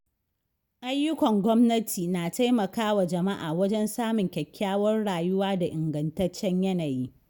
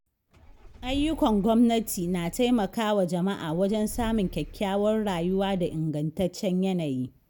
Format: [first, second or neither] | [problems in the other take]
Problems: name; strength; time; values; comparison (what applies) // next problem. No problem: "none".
first | background sound (Engine starting / Car); 15 dB below the speech